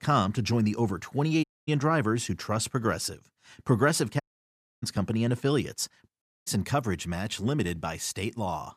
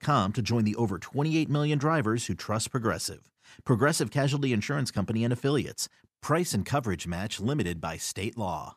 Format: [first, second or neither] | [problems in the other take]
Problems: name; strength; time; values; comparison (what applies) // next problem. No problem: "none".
second | audio cutting out; at 1.5 s, at 4 s for 0.5 s and at 6 s